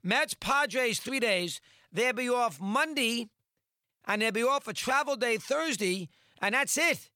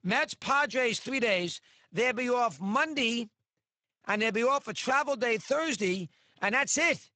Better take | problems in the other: first | garbled, watery; badly; nothing above 7.5 kHz

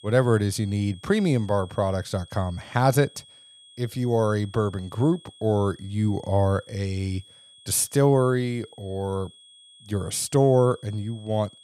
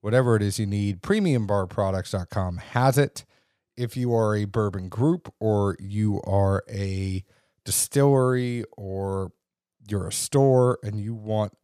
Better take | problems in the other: second | high-pitched whine; faint; throughout; 3.5 kHz, 25 dB below the speech

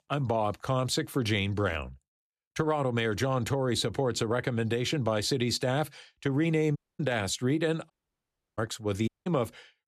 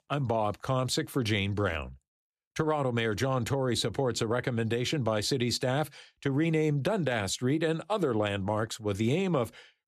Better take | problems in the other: second | audio cutting out; at 7 s, at 8 s for 0.5 s and at 9 s

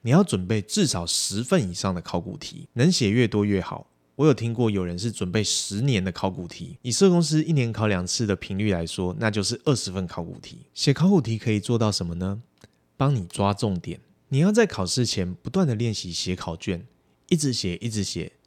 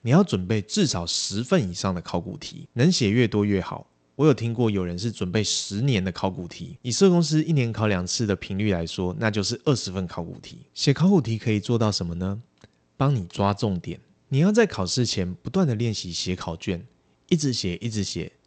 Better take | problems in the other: first | garbled, watery; slightly; nothing above 8 kHz

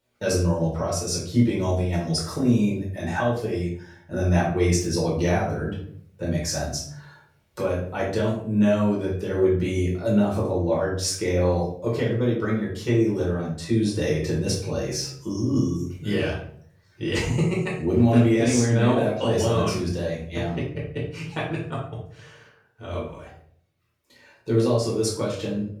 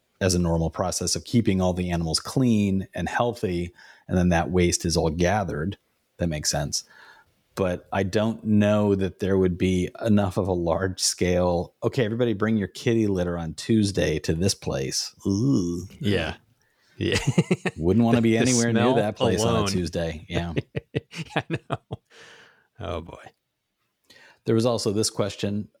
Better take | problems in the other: second | off-mic speech; far // room echo; noticeable; dies away in 0.5 s

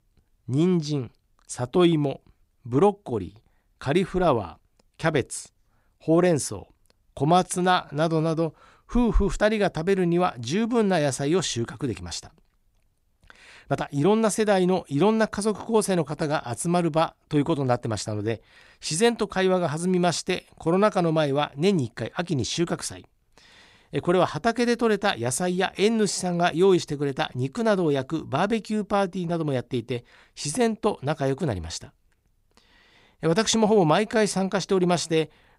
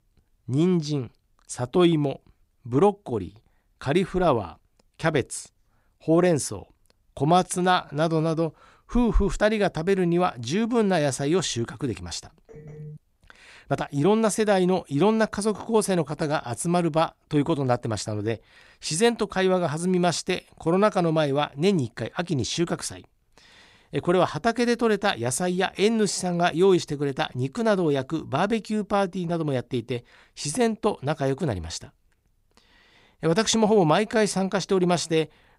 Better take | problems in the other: first | phone ringing; faint; at 12 s; peak 15 dB below the speech

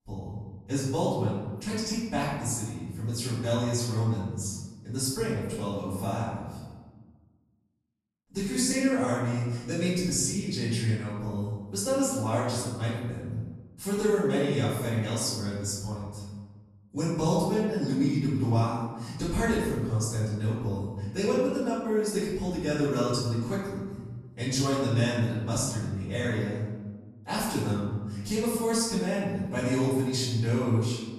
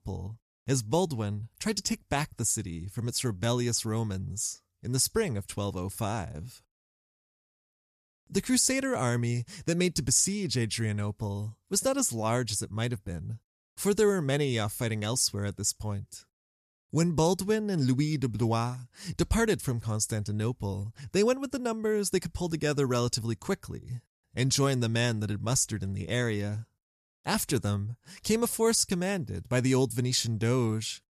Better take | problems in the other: second | off-mic speech; far // room echo; strong; dies away in 1.3 s

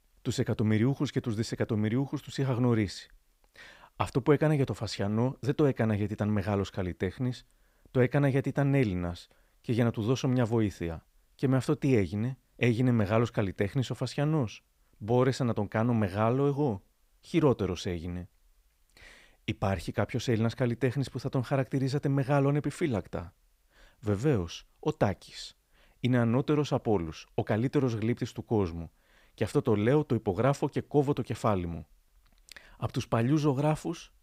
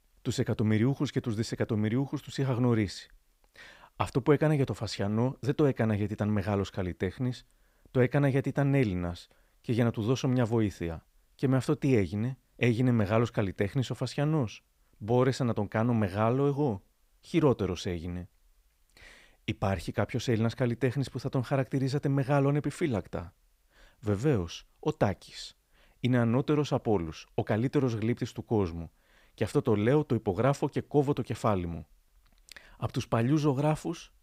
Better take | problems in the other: neither | none

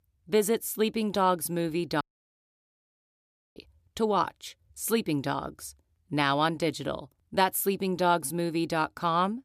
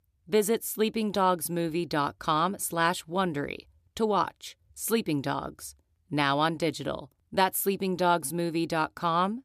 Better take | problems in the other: second | audio cutting out; at 2 s for 1.5 s

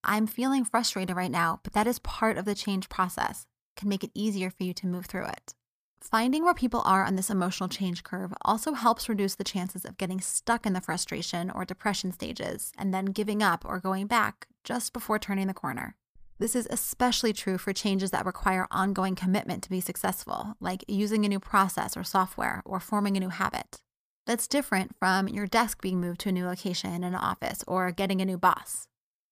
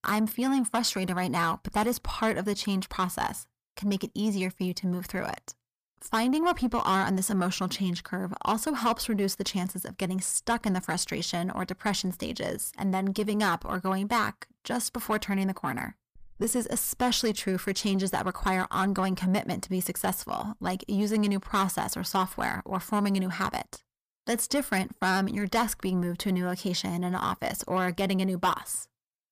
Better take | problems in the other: first | distortion; slight; 10 dB below the speech

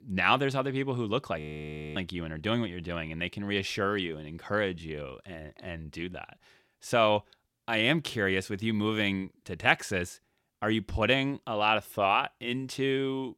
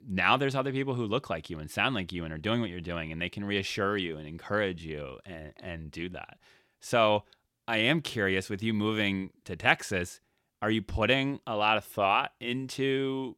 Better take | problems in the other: second | audio freezing; at 1.5 s for 0.5 s

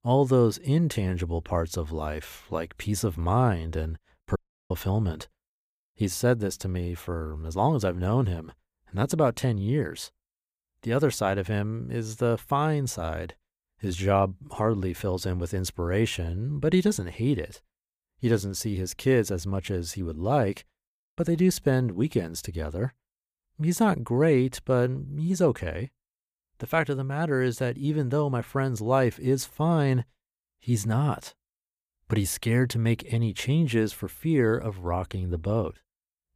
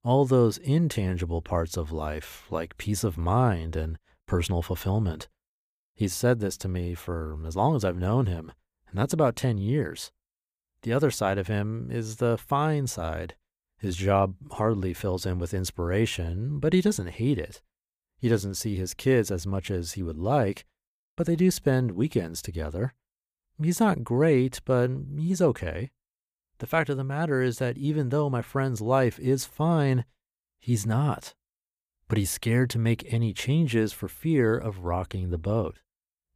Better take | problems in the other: second | audio cutting out; at 4.5 s

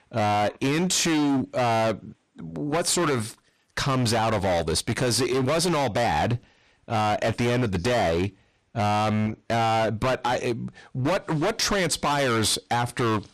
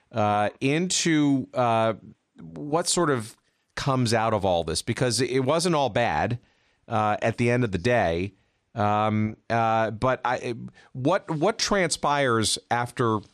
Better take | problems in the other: second | distortion; heavy; 26% of the sound clipped

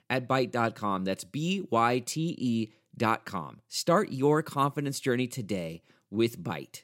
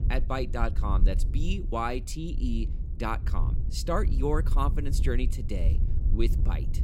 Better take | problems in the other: first | wind noise on the microphone; occasional gusts; 15 dB below the speech

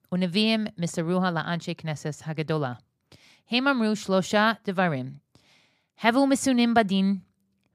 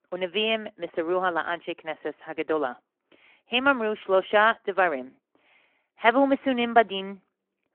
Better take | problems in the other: first | phone-call audio; nothing above 3.5 kHz

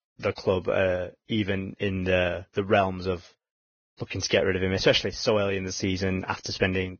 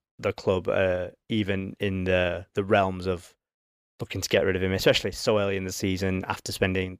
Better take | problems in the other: second | garbled, watery; badly; nothing above 6.5 kHz

